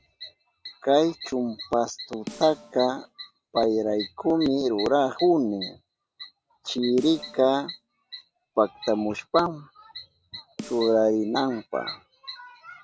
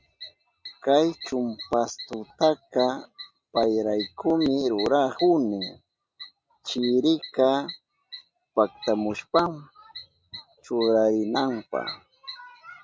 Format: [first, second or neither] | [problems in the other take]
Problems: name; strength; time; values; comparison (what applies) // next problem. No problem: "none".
second | background sound (Snare drum); 20 dB below the speech